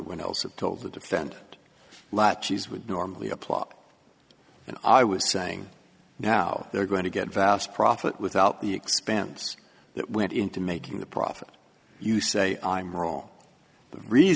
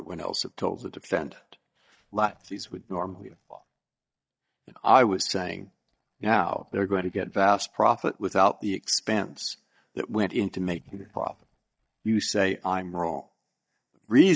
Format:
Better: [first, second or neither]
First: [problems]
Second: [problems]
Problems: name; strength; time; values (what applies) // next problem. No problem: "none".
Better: first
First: none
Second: noise reduction (neural mask model DeepFilterNet 3)